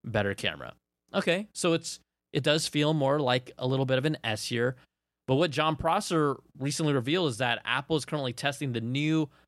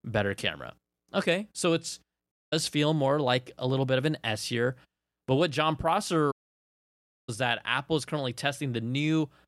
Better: first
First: none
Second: audio cutting out; at 2.5 s and at 6.5 s for 1 s

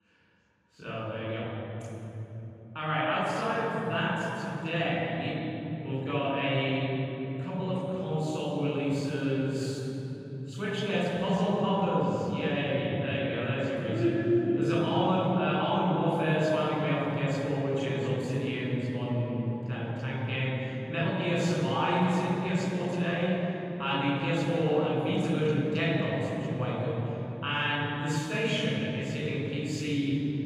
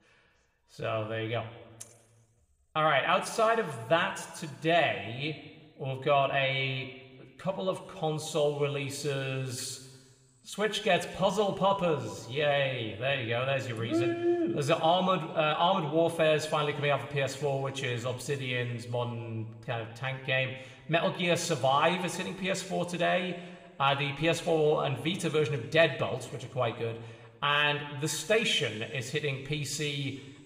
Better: second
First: room echo; strong; dies away in 3 s // off-mic speech; far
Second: room echo; slight; dies away in 1.3 s

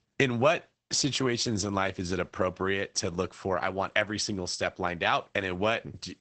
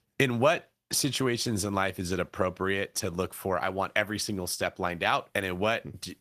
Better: second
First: garbled, watery; badly; nothing above 8 kHz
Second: garbled, watery; slightly; nothing above 14.5 kHz

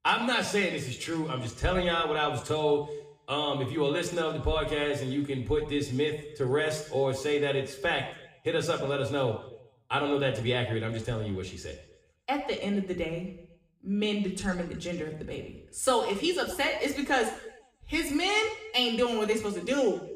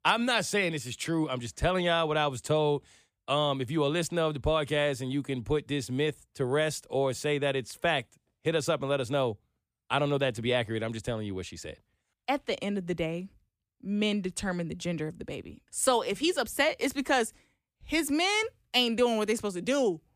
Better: second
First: room echo; slight; dies away in 0.8 s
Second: none

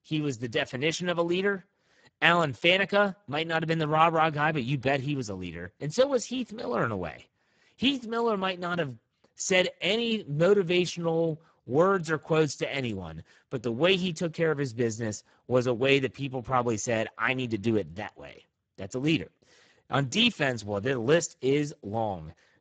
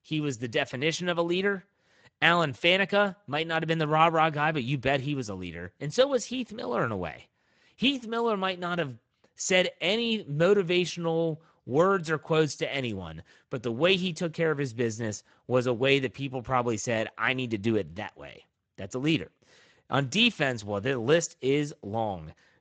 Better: second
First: garbled, watery; badly; nothing above 7.5 kHz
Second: garbled, watery; slightly; nothing above 7.5 kHz

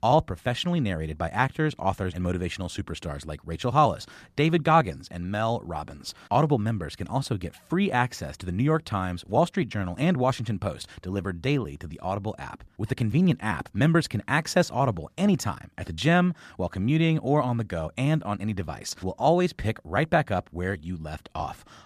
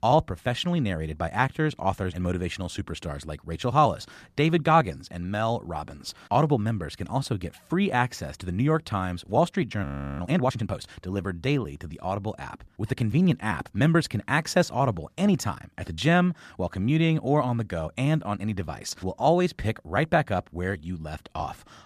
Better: first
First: none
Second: audio freezing; at 10 s

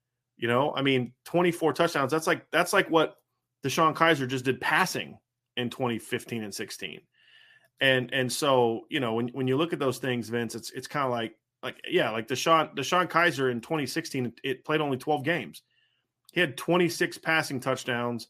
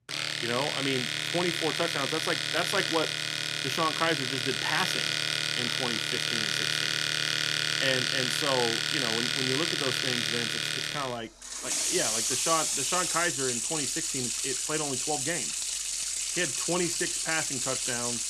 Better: first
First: none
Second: household noises; very loud; throughout; 5 dB above the speech

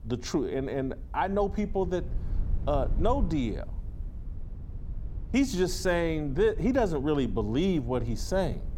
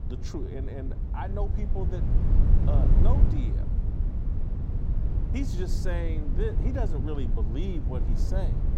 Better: first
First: low rumble; faint; throughout; 25 dB below the speech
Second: low rumble; loud; throughout; 4 dB below the speech

